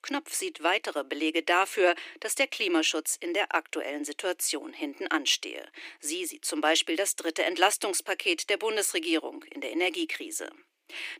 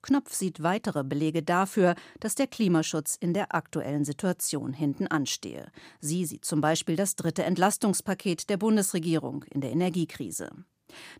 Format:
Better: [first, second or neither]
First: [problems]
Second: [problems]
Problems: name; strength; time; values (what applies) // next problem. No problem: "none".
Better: second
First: thin; very; fading below 300 Hz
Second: none